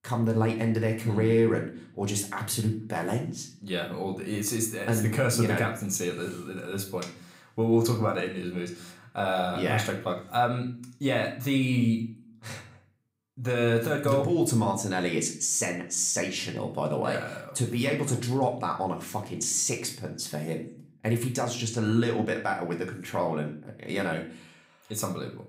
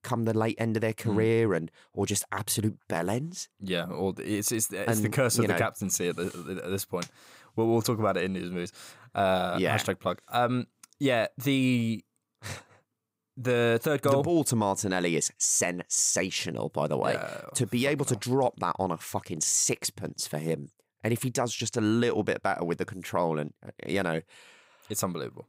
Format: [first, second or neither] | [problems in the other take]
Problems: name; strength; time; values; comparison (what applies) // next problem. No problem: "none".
second | room echo; slight; dies away in 0.4 s // off-mic speech; somewhat distant